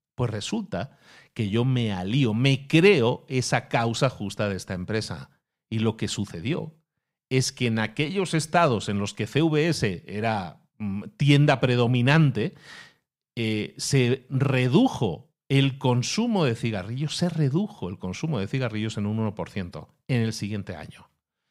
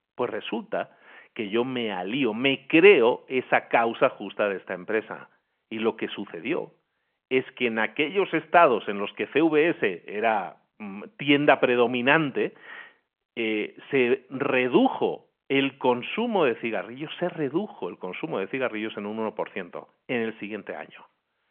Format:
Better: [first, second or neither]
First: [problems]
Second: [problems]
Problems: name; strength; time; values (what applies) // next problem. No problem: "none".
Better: first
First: none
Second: phone-call audio